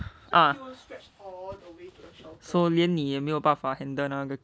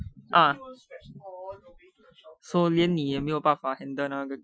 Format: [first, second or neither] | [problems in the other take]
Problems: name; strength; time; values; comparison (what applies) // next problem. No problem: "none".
first | noise reduction (classical method Wiener filter)